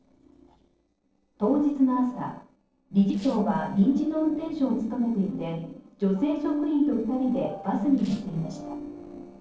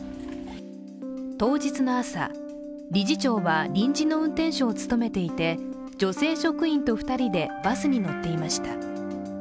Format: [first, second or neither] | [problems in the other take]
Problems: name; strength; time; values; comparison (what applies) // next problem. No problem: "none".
second | noise reduction (neural separator model SepFormer DNS4)